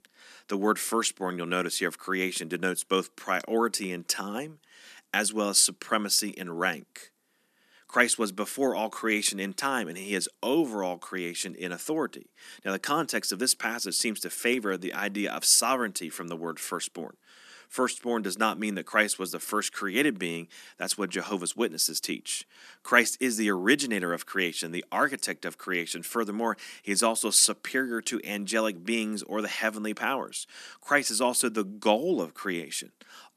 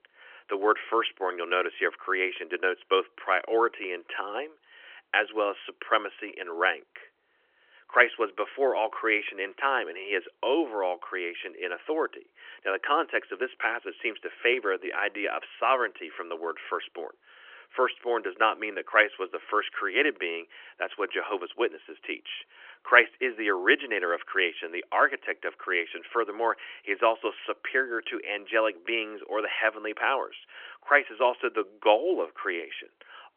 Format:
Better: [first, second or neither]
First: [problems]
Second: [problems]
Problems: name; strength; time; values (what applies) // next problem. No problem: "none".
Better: first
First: none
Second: phone-call audio; nothing above 3.5 kHz